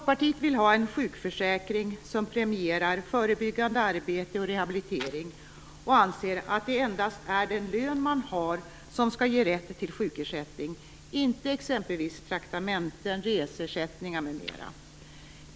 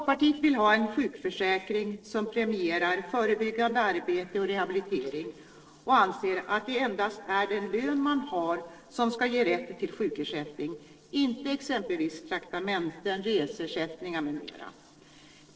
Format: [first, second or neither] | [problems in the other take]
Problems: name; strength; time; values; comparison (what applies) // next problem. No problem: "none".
first | noise reduction (neural separator model SepFormer DNS4)